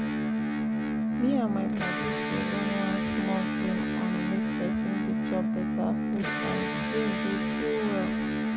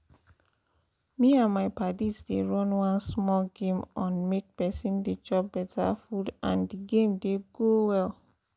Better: second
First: background sound (Electric guitar); 5 dB above the speech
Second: none

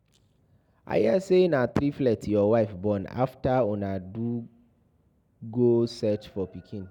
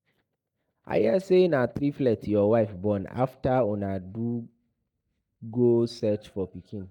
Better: first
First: none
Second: noise reduction (neural mask model DeepFilterNet 3)

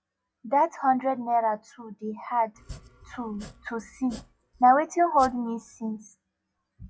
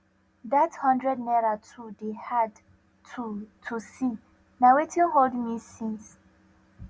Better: second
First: noise reduction (classical method log-MMSE)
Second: none

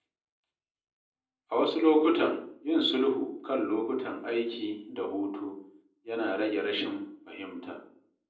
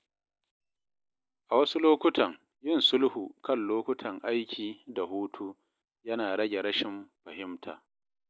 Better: second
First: room echo; dies away in 0.6 s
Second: none

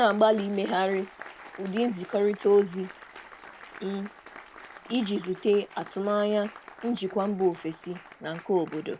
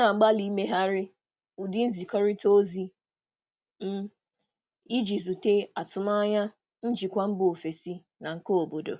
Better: second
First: background sound (Applause); 19 dB below the speech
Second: none

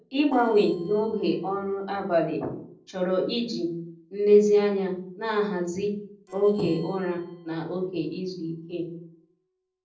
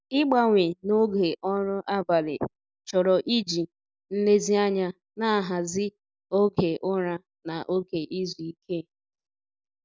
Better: second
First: noise reduction (neural separator model SepFormer DNS4)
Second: none

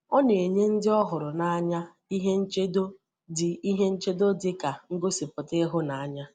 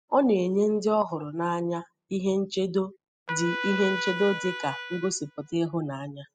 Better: first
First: none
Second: noise reduction (classical method spectral subtraction)

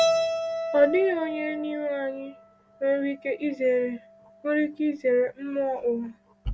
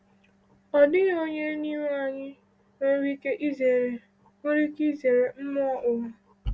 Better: second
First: background sound (Keyboard (musical)); 6 dB below the speech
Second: none

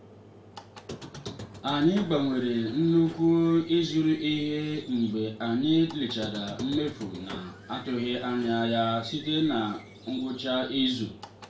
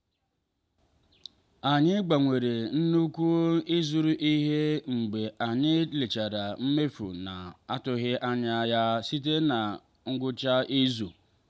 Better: second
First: background sound (Squeak); 17 dB below the speech // room echo; dies away in 0.3 s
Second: none

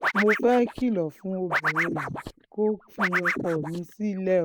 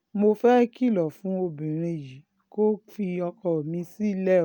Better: second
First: noise reduction (neural mask model Resemble Enhance denoiser)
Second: none

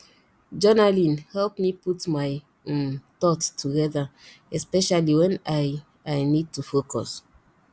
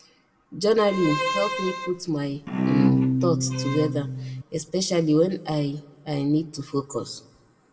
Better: first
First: none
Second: background sound (Bowed string instrument); 1 dB above the speech // room echo; dies away in 0.5 s

